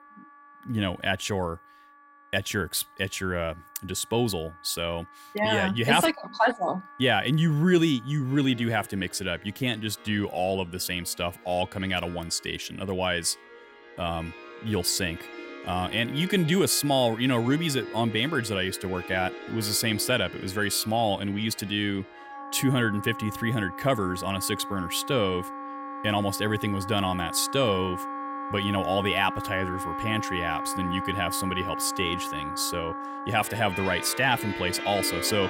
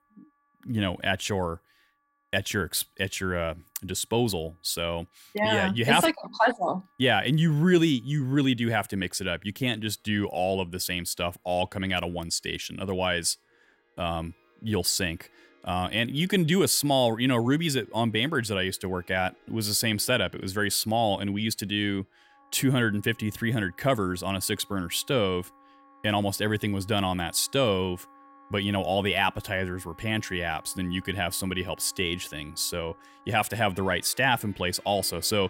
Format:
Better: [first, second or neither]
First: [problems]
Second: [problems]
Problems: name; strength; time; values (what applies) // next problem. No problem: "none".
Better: second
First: background music; loud; throughout; 9 dB below the speech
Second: background music; faint; throughout; 30 dB below the speech